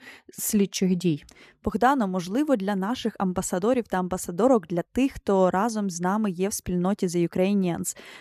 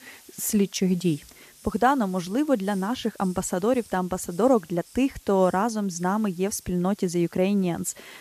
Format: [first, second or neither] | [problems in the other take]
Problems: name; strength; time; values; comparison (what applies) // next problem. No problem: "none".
first | hiss; faint; throughout; 25 dB below the speech